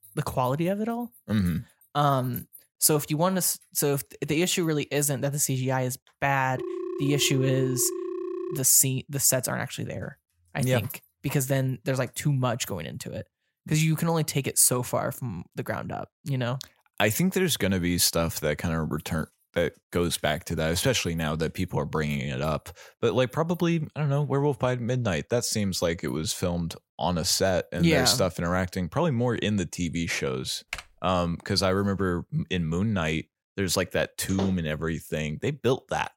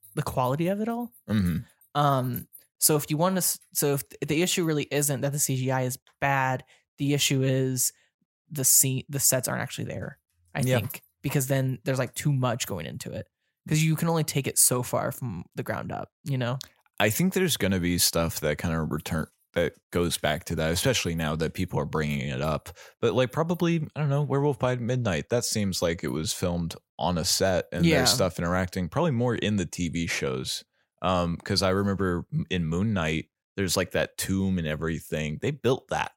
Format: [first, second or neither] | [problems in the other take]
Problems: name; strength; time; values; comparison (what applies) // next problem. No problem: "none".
second | phone ringing; noticeable; from 6.5 to 8.5 s; peak 7 dB below the speech // keyboard typing; faint; at 31 s; peak 10 dB below the speech // door banging; noticeable; at 34 s; peak 9 dB below the speech